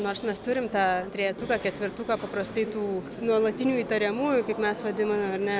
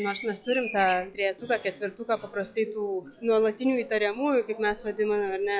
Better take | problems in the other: first | noise reduction (classical method log-MMSE)

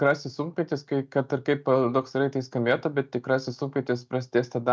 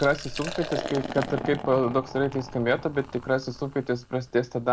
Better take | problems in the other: first | background sound (Liquid); 10 dB below the speech

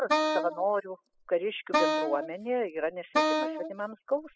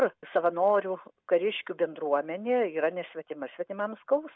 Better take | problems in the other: second | noise reduction (classical method spectral subtraction)

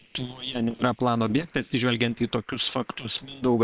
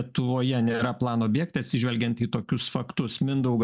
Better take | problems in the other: second | noise reduction (neural separator model SepFormer WHAM!)

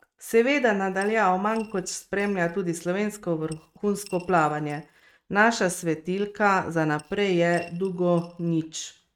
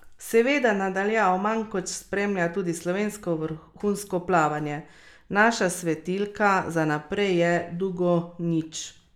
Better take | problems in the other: second | noise reduction (neural mask model RNNoise)

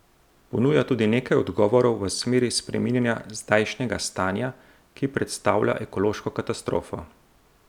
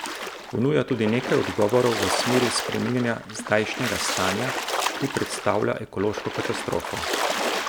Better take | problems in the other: first | background sound (Splash, splatter); 4 dB below the speech

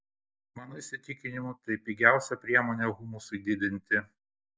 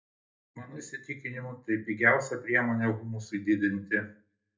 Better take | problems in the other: first | room echo; dies away in 0.3 s

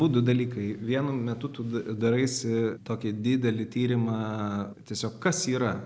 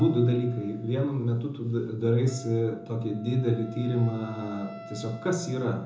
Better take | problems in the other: first | background sound (Wind instrument, woodwind instrument); 19 dB below the speech // room echo; dies away in 0.5 s

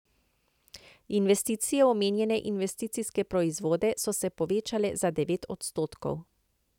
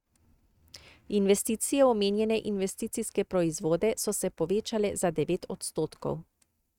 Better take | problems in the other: first | noise reduction (neural mask model RNNoise)

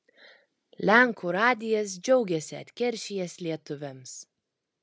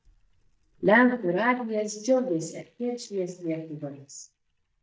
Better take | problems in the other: first | noise reduction (neural mask model DeepFilterNet 3)

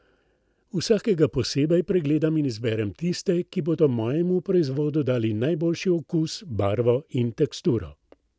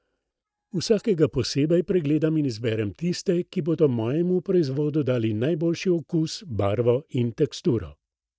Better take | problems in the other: first | noise reduction (neural mask model DeepFilterNet 3)

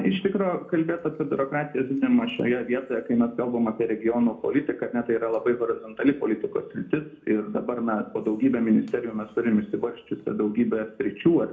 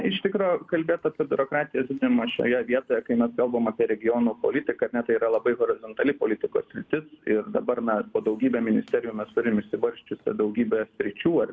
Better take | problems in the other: second | room echo; dies away in 0.3 s

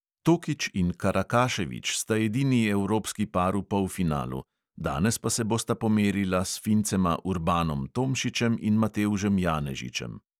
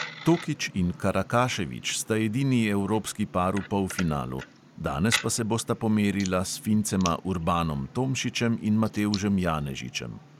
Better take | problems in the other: first | background sound (Coin (dropping)); 15 dB below the speech

